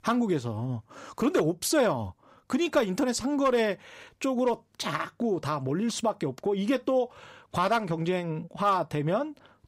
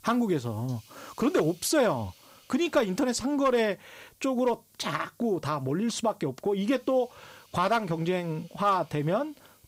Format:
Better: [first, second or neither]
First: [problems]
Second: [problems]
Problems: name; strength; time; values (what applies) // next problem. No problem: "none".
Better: first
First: none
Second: hiss; faint; throughout; 25 dB below the speech